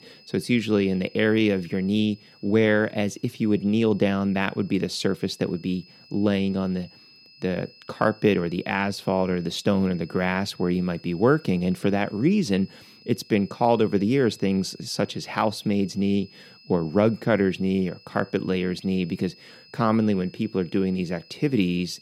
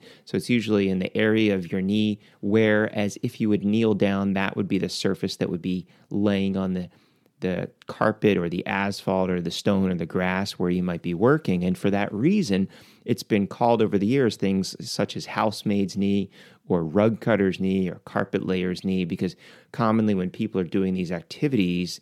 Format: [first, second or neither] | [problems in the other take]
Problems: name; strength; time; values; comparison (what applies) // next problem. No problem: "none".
second | high-pitched whine; faint; throughout; 5 kHz, 25 dB below the speech